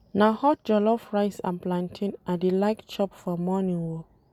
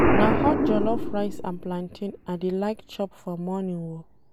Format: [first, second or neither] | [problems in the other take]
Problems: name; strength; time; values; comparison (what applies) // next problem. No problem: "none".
first | background sound (Explosion); 2 dB above the speech